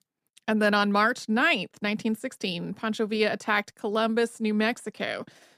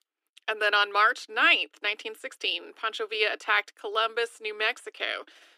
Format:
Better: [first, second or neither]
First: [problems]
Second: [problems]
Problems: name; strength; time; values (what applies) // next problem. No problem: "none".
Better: first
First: none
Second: thin; very; fading below 300 Hz